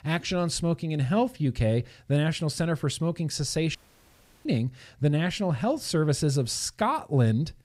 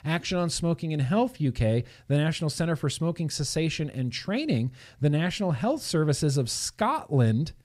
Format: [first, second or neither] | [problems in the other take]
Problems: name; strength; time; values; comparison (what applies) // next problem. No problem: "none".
second | audio cutting out; at 4 s for 0.5 s